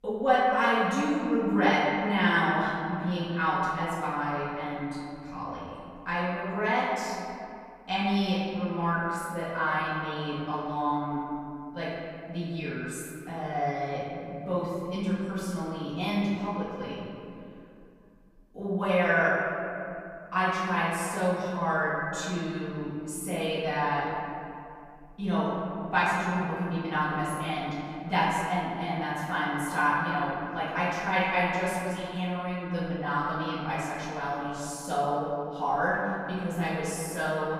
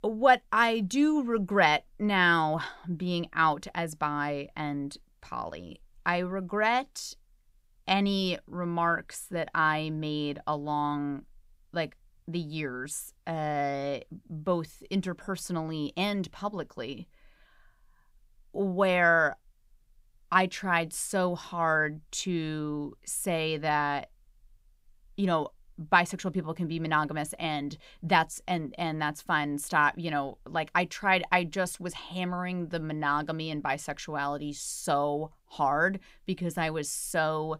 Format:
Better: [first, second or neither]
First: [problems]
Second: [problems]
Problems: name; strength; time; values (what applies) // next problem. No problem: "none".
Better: second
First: off-mic speech; far // room echo; strong; dies away in 2.4 s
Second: none